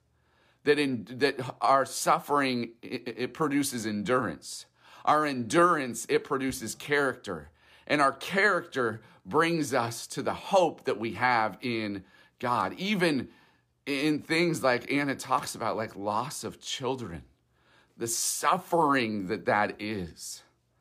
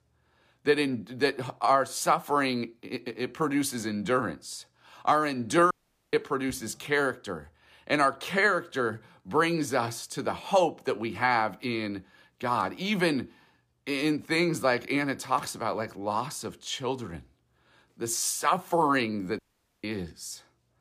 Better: first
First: none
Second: audio cutting out; at 5.5 s and at 19 s

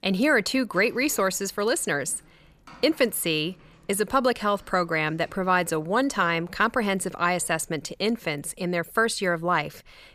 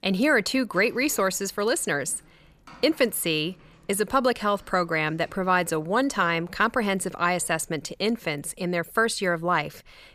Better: neither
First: household noises; faint; throughout; 30 dB below the speech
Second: household noises; faint; throughout; 30 dB below the speech

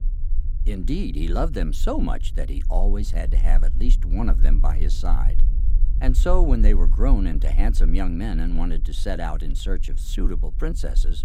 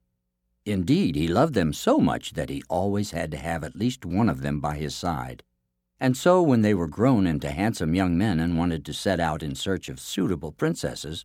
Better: second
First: low rumble; noticeable; throughout; 15 dB below the speech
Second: none

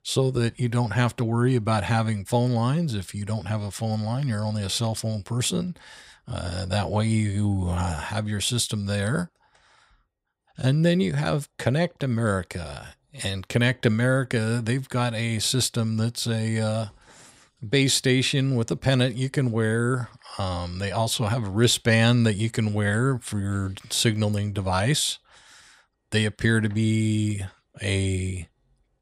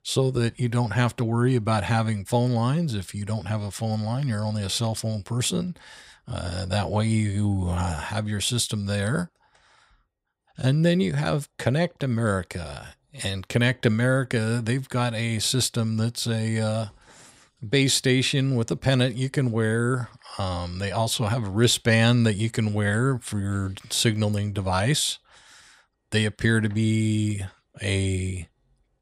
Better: neither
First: none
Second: none

